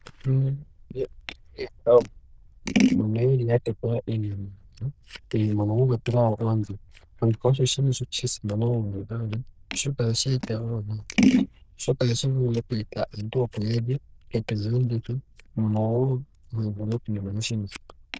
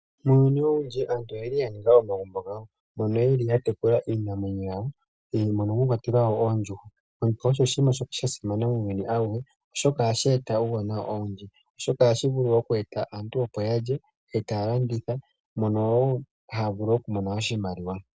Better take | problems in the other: second | noise reduction (neural diffusion model UNIVERSE++)

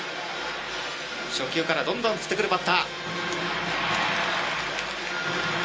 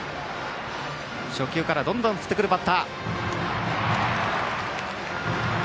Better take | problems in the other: second | room echo; dies away in 0.2 s

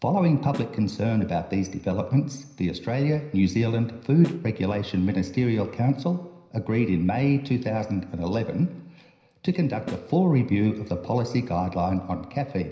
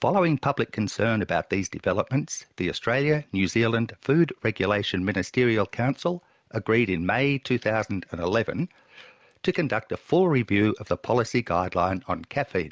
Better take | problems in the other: second | background sound (Snare drum); 19 dB below the speech // room echo; dies away in 0.9 s

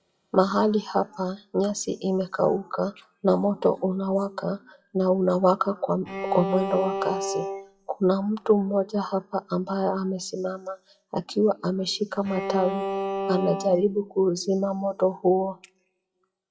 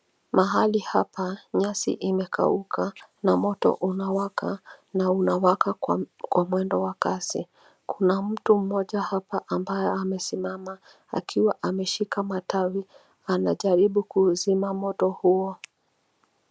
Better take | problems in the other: second | noise reduction (classical method WPE with log-MMSE)

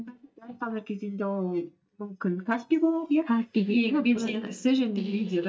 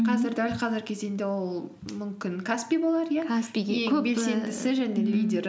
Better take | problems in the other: second | noise reduction (neural mask model DeepFilterNet 3)

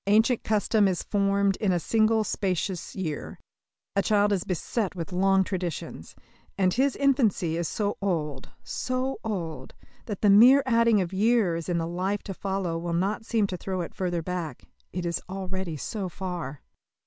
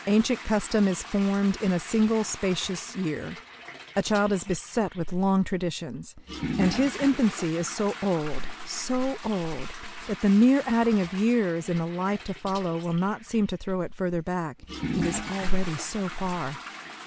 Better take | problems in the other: first | background sound (Toilet flush / Water); 13 dB below the speech

